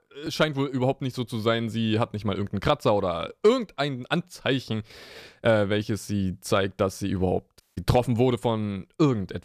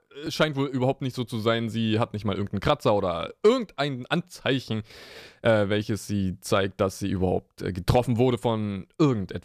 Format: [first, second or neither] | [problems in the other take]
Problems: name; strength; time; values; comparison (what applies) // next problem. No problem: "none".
second | audio cutting out; at 7.5 s